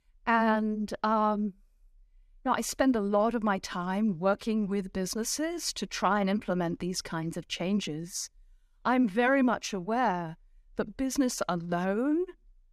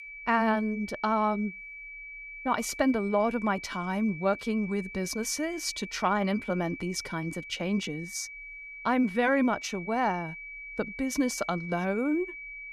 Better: first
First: none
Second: high-pitched whine; noticeable; throughout; 2.5 kHz, 10 dB below the speech

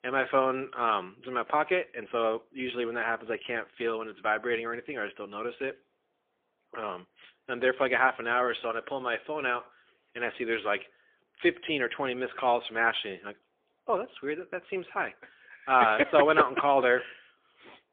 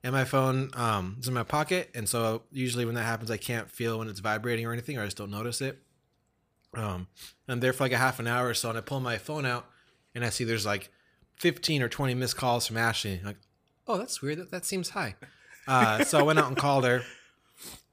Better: second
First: phone-call audio; poor line; nothing above 3.5 kHz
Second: none

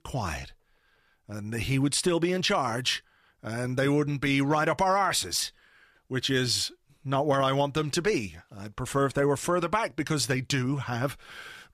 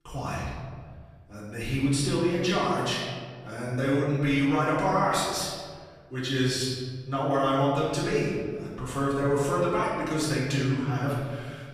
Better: first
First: none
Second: room echo; noticeable; dies away in 1.7 s // off-mic speech; far

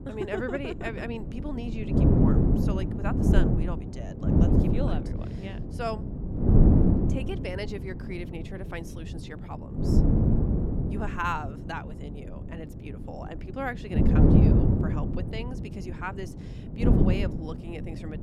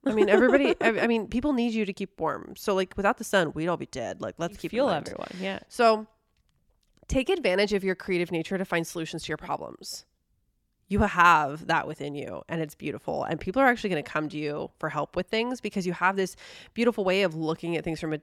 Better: second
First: wind noise on the microphone; heavy; 4 dB above the speech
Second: none

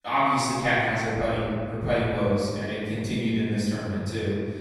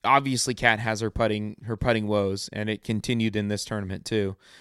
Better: second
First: room echo; strong; dies away in 1.8 s // off-mic speech; far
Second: none

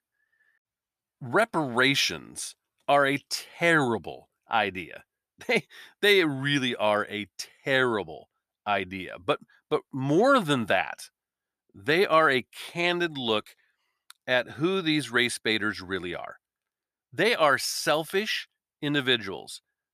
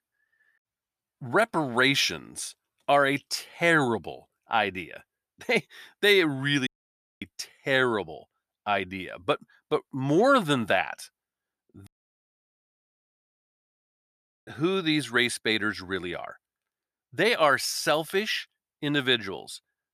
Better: first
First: none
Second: audio cutting out; at 6.5 s for 0.5 s and at 12 s for 2.5 s

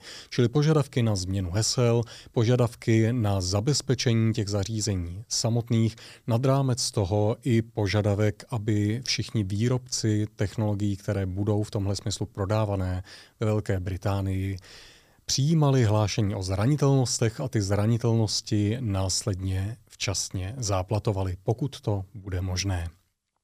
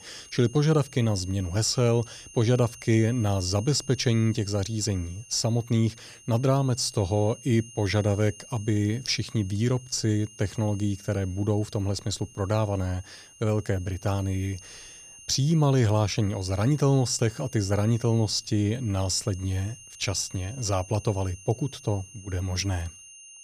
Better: first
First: none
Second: high-pitched whine; noticeable; throughout; 6.5 kHz, 20 dB below the speech

